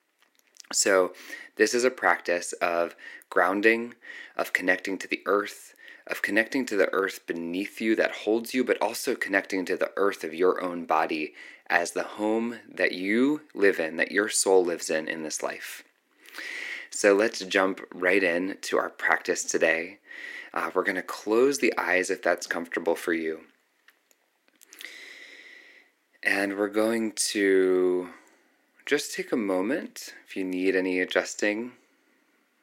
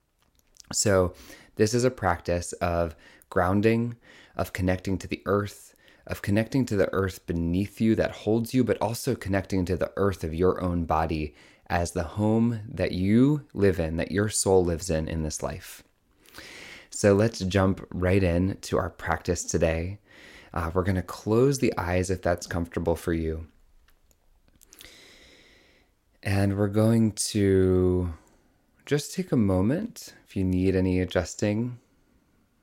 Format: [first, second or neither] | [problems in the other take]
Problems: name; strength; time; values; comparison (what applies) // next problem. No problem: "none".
second | thin; somewhat; fading below 300 Hz